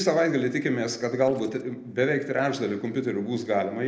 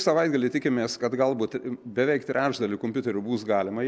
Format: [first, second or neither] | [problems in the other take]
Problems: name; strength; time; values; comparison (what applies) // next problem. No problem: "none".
second | noise reduction (neural separator model SepFormer DNS4)